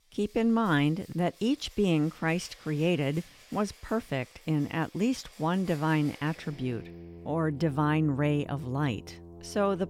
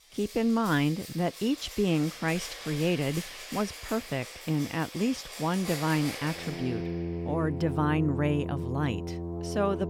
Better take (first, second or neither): first